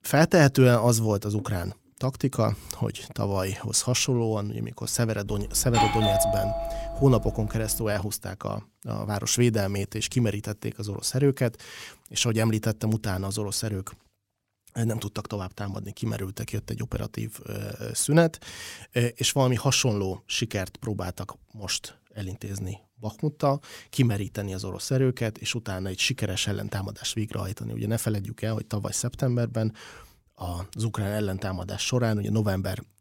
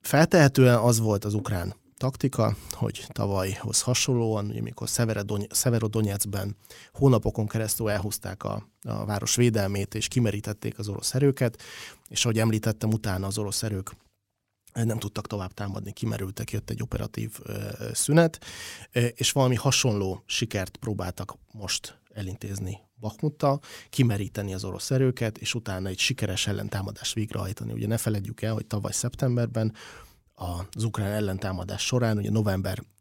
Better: second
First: doorbell; loud; from 5.5 to 8 s; peak 3 dB above the speech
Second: none

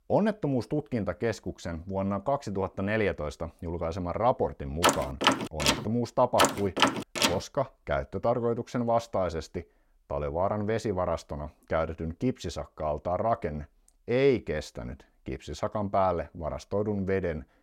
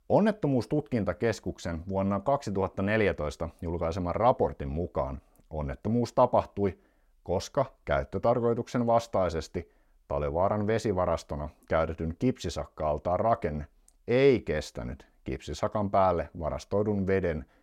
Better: second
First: door banging; loud; from 5 to 7.5 s; peak 5 dB above the speech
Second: none

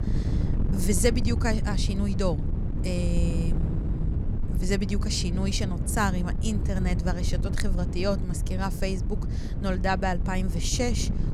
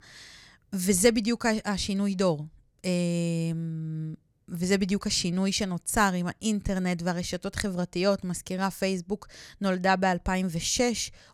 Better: second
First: wind noise on the microphone; heavy; 10 dB below the speech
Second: none

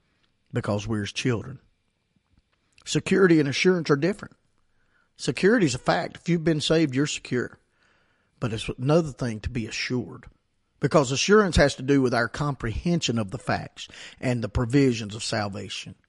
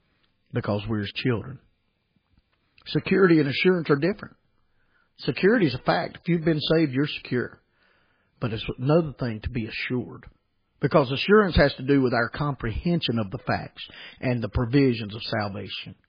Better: first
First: garbled, watery; slightly; nothing above 11 kHz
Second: garbled, watery; badly; nothing above 4.5 kHz

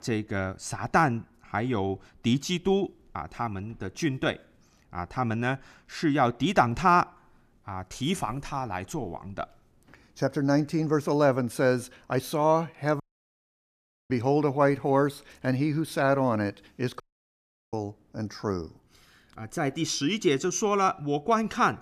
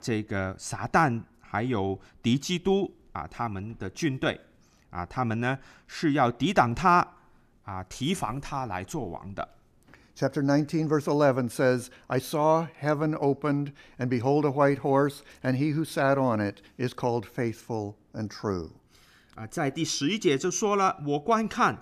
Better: second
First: audio cutting out; at 13 s for 1 s and at 17 s for 0.5 s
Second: none

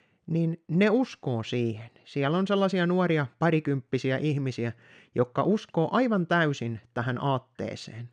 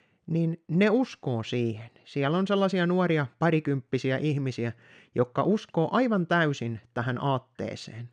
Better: neither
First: none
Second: none

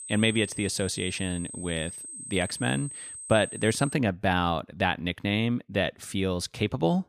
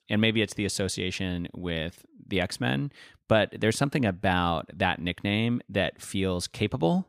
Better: second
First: high-pitched whine; loud; until 4 s; 8.5 kHz, 10 dB below the speech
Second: none

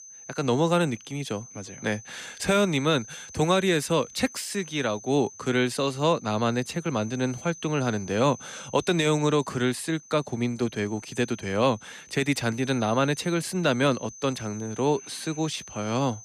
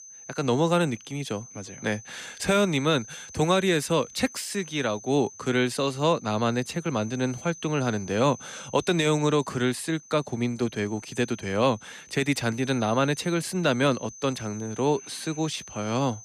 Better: neither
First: high-pitched whine; noticeable; throughout; 6 kHz, 15 dB below the speech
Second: high-pitched whine; noticeable; throughout; 6 kHz, 15 dB below the speech

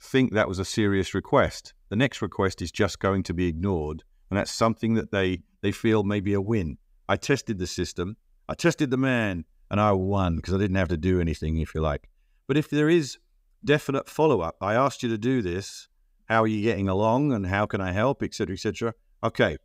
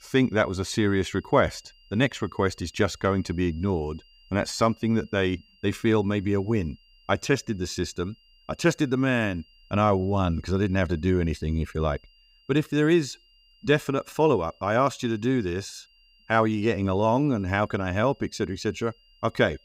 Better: first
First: none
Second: high-pitched whine; faint; throughout; 3 kHz, 30 dB below the speech

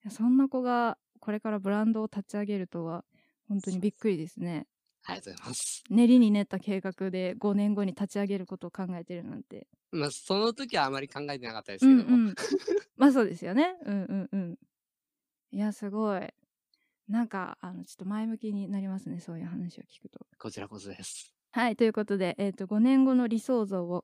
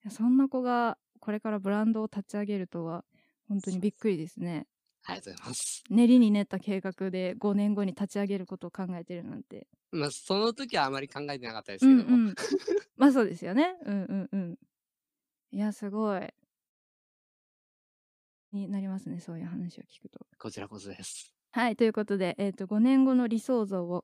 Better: first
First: none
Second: audio cutting out; at 17 s for 2 s

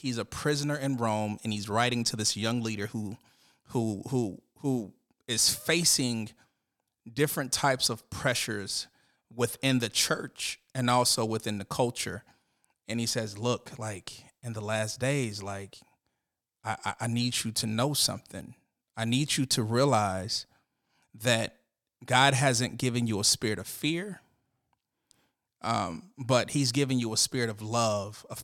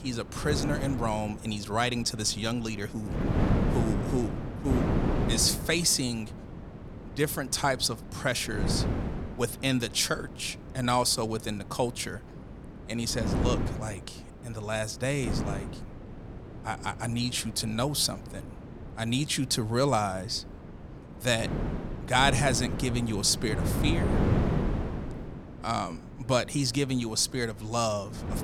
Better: first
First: none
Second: wind noise on the microphone; heavy; 9 dB below the speech

